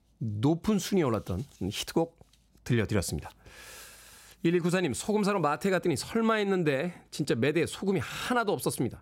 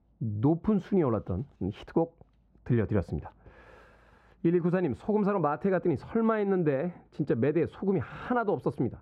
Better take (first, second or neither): first